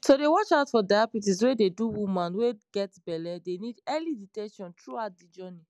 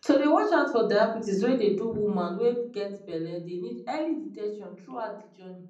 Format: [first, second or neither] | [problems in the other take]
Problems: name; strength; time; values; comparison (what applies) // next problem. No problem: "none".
first | room echo; dies away in 0.6 s